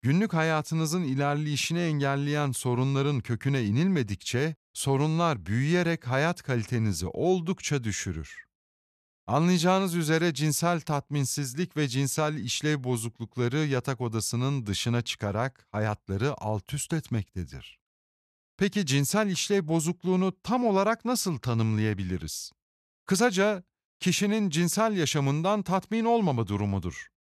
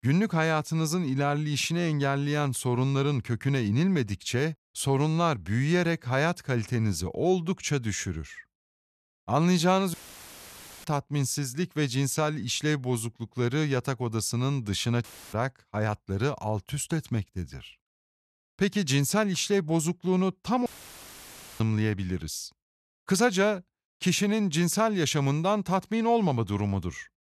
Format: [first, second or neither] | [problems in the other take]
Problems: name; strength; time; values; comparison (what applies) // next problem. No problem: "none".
first | audio cutting out; filled with static; at 10 s for 1 s, at 15 s and at 21 s for 1 s